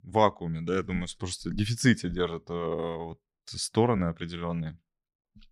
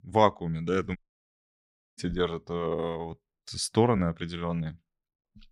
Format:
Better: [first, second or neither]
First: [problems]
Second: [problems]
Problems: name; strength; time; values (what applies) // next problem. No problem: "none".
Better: first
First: none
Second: audio cutting out; at 1 s for 1 s